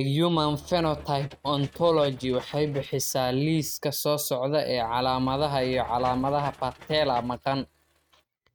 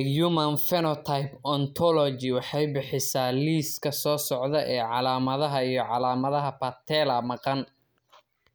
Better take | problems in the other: second | noise reduction (neural mask model RNNoise)

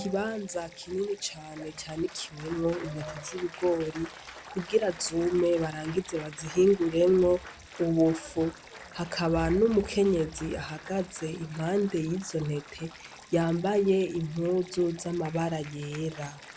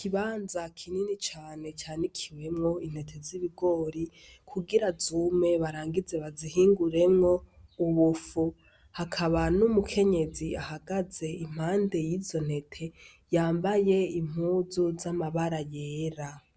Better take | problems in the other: second | background sound (Applause + Stream); 18 dB below the speech

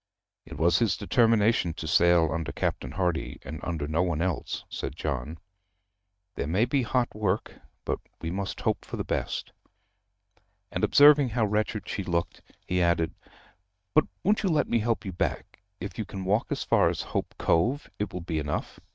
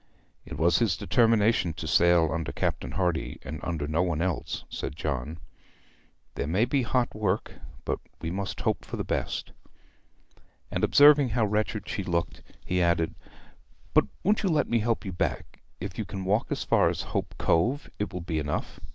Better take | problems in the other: second | noise reduction (neural mask model RNNoise)

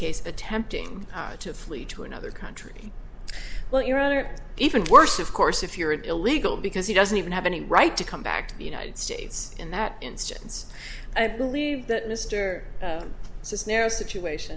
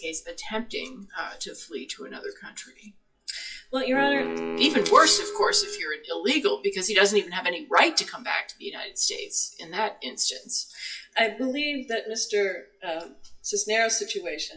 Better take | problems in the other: first | noise reduction (classical method WPE with log-MMSE)

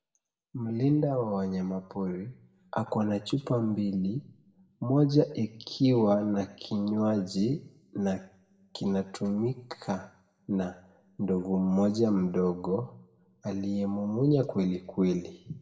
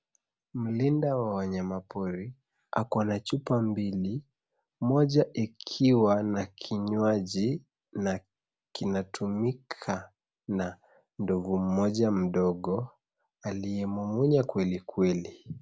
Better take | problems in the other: second | room echo; dies away in 0.6 s

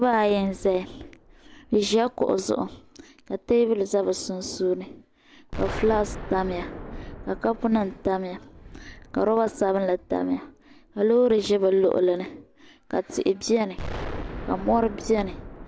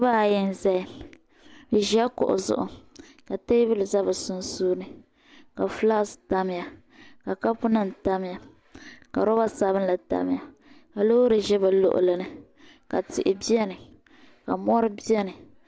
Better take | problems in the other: second | background sound (Explosion); 14 dB below the speech

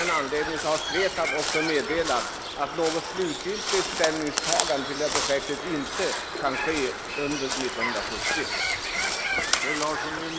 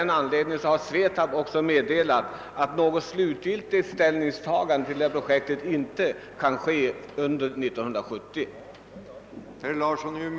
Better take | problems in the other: second | background sound (Bird + Crow); as loud as the speech

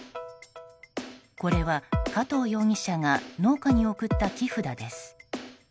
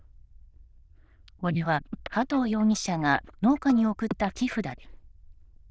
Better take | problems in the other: first | noise reduction (neural diffusion model UNIVERSE++)

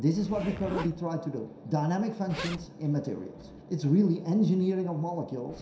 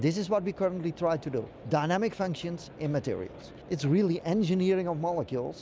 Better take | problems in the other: second | background sound (Zipper (clothing)); 15 dB below the speech // room echo; dies away in 0.7 s

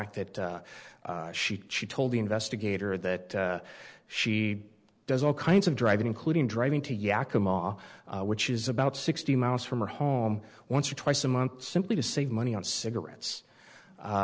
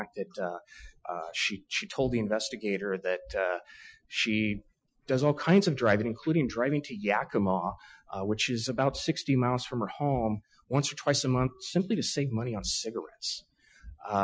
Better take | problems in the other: first | noise reduction (classical method Wiener filter)

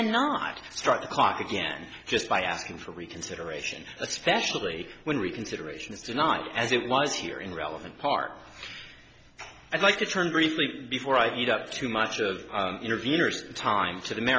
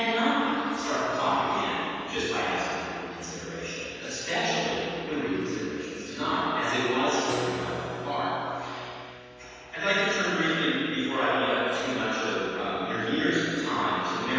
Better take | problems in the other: first | background sound (Keyboard (musical)); 18 dB below the speech // room echo; dies away in 2.1 s

